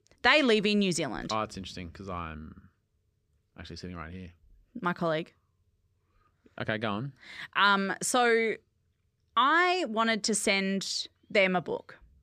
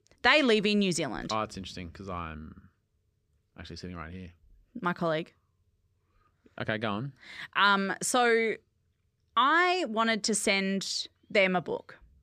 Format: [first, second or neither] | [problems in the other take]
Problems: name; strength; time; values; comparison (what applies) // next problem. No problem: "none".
neither | none